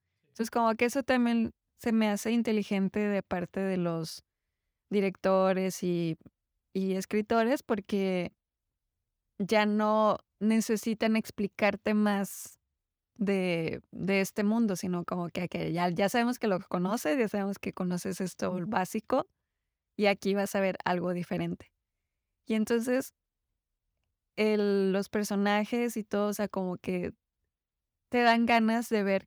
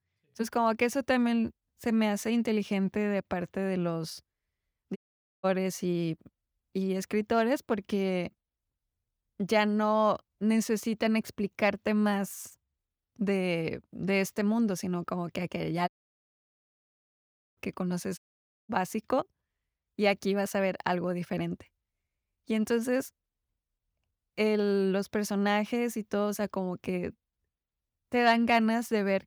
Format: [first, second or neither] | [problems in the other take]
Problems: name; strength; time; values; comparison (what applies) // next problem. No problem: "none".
first | audio cutting out; at 5 s, at 16 s for 1.5 s and at 18 s for 0.5 s